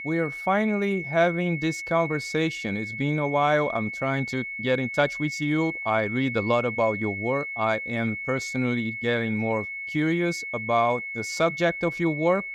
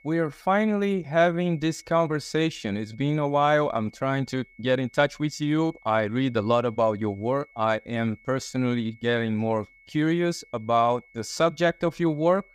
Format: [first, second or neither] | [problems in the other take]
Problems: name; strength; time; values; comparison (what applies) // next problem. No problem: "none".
second | high-pitched whine; loud; throughout; 2 kHz, 6 dB below the speech; faint in the second